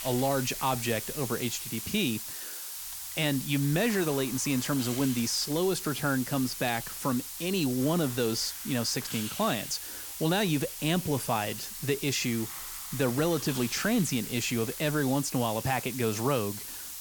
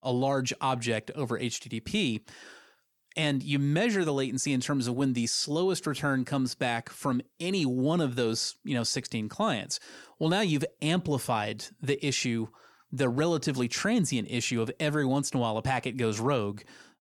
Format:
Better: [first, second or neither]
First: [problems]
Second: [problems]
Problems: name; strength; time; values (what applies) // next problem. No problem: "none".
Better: second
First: hiss; loud; throughout; 7 dB below the speech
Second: none